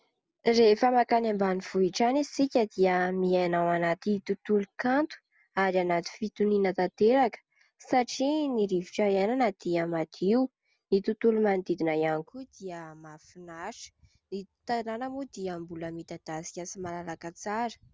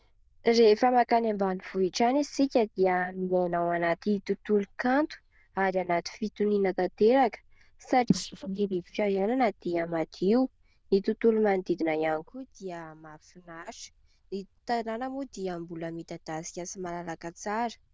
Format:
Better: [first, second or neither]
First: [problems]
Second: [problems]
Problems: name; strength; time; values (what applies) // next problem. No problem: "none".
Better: first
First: none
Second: noise reduction (neural diffusion model UNIVERSE++)